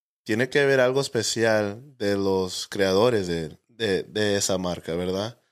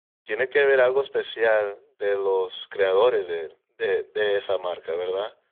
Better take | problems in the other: first | phone-call audio; nothing above 3.5 kHz

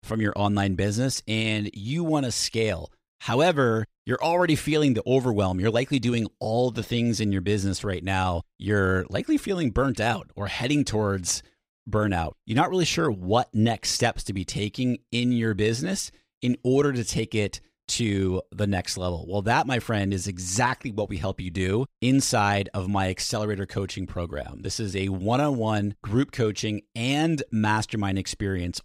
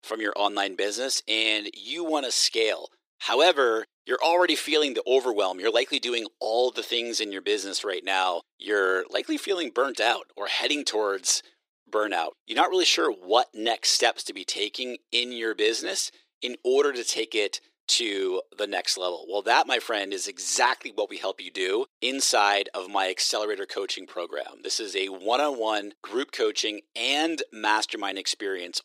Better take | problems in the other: first | thin; very; fading below 350 Hz

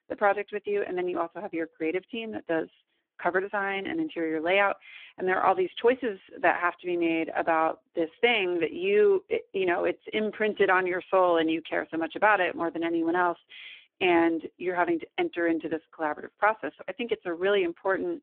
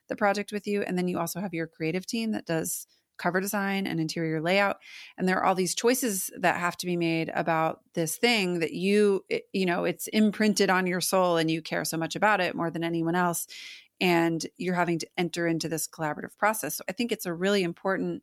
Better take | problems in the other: second | phone-call audio; poor line

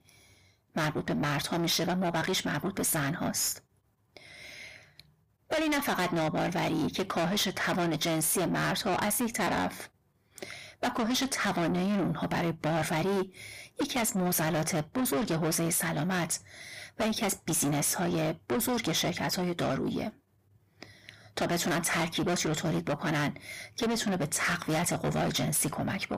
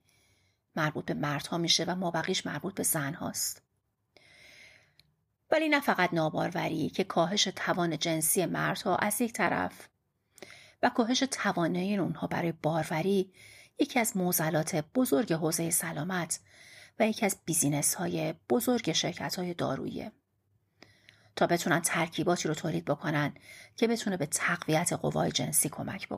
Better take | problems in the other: second | distortion; heavy; 6 dB below the speech

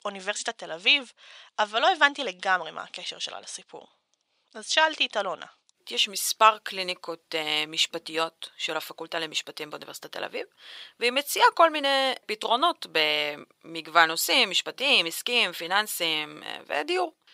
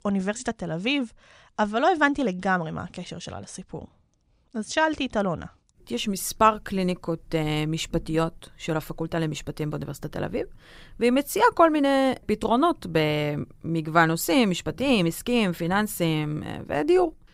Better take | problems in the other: second | thin; very; fading below 650 Hz

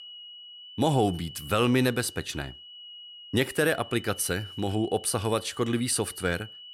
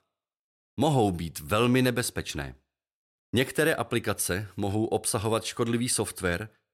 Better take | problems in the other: second | high-pitched whine; noticeable; throughout; 3 kHz, 15 dB below the speech

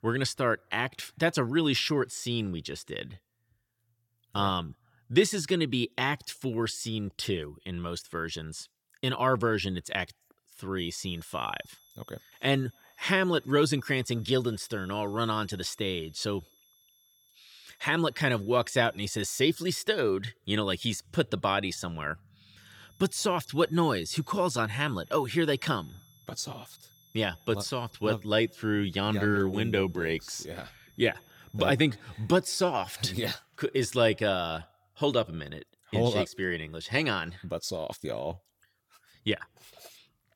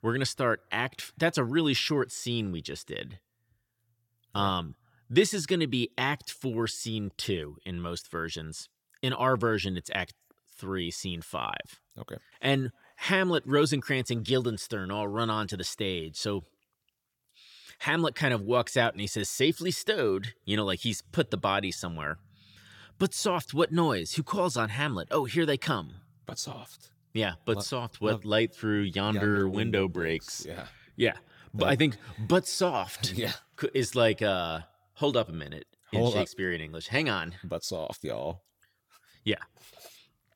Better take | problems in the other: second | high-pitched whine; faint; from 11 to 20 s and from 23 to 32 s; 3.5 kHz, 30 dB below the speech

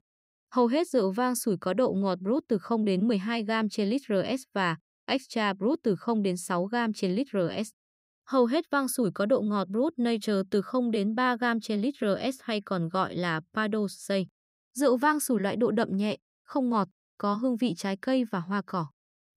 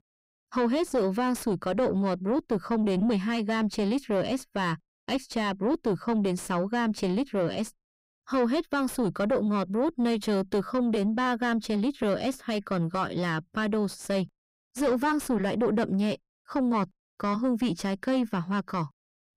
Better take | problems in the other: first | distortion; slight; 9 dB below the speech

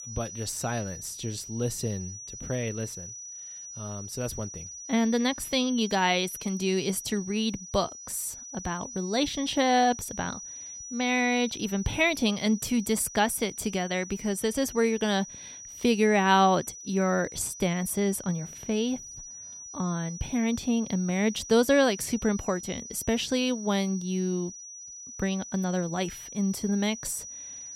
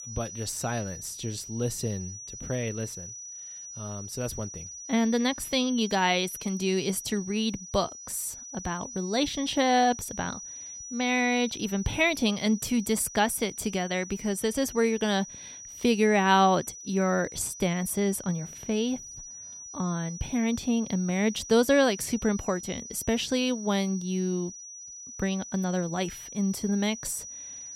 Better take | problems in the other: neither | high-pitched whine; noticeable; throughout; 6 kHz, 10 dB below the speech; the same in both

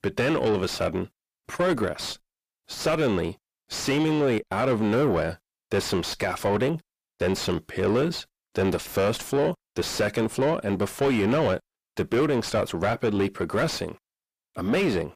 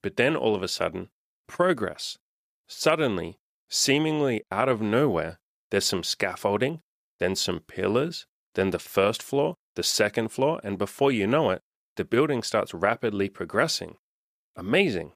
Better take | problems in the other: second | distortion; heavy; 6 dB below the speech

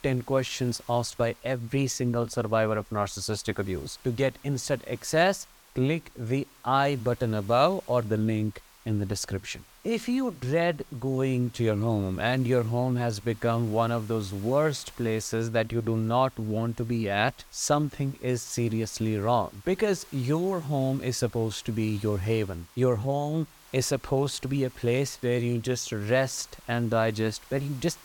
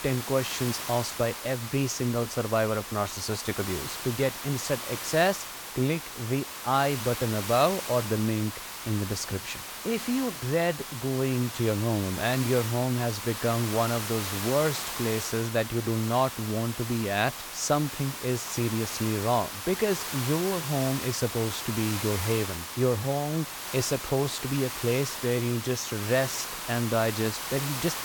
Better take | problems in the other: first | hiss; loud; throughout; 6 dB below the speech; faint in the first

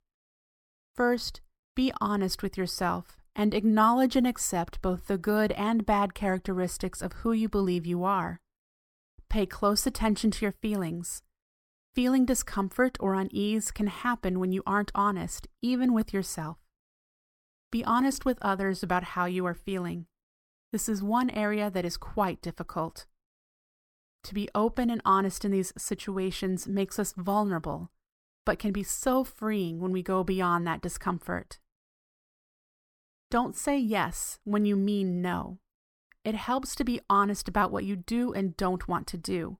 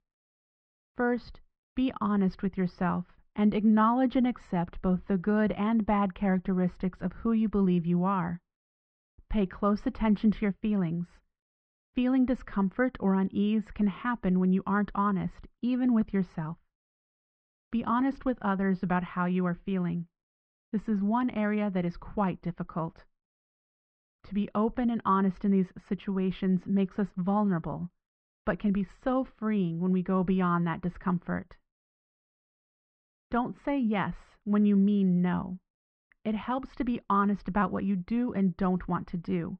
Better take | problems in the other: first | muffled; very; fading above 3 kHz

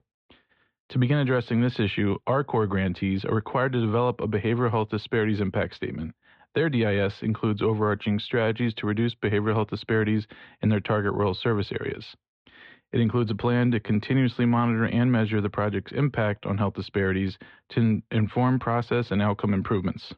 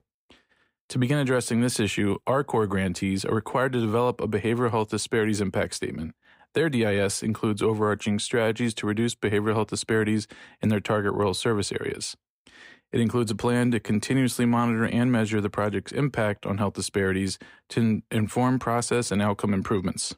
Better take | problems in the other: second | muffled; slightly; fading above 3.5 kHz

